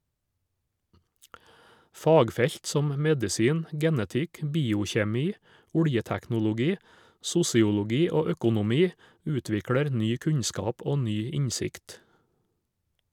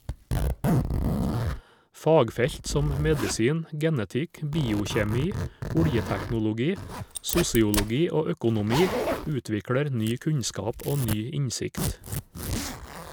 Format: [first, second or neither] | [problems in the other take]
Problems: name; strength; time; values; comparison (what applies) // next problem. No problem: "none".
first | background sound (Zipper (clothing)); 5 dB below the speech